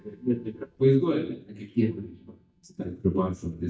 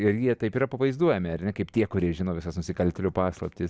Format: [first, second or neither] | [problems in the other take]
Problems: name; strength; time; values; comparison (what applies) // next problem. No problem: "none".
second | noise reduction (neural mask model DeepFilterNet 3)